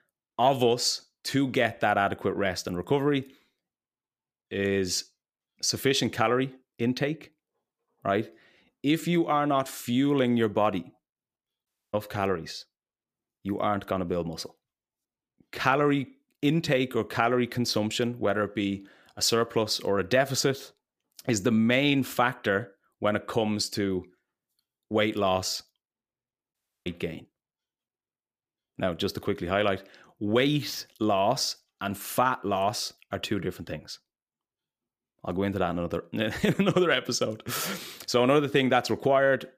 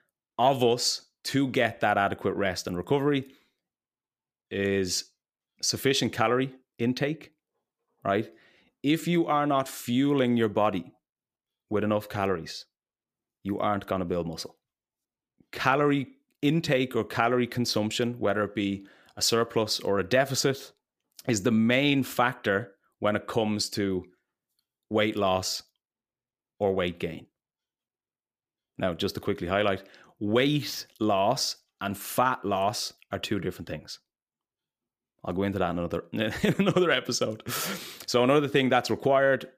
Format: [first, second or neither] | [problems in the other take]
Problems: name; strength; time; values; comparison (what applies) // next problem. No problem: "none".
second | audio cutting out; at 12 s and at 27 s